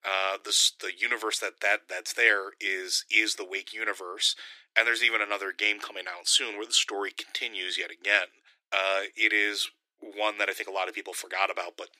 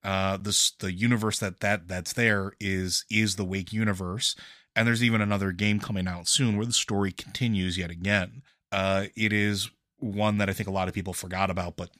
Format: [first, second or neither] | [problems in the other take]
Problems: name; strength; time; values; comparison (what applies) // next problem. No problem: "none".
second | thin; very; fading below 300 Hz